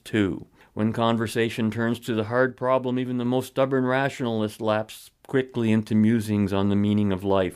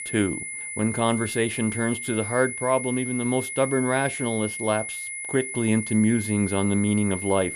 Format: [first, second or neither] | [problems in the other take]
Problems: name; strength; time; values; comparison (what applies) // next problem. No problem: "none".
first | high-pitched whine; loud; throughout; 2 kHz, 6 dB below the speech